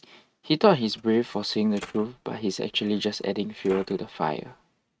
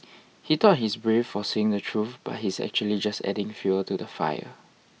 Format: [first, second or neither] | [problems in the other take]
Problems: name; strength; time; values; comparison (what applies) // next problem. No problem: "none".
second | noise reduction (neural mask model RNNoise)